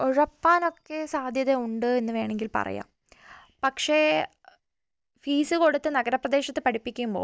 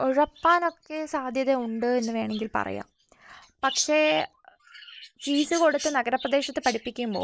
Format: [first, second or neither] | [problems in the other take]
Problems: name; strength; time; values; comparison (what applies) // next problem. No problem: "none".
first | noise reduction (neural mask model Resemble Enhance denoiser)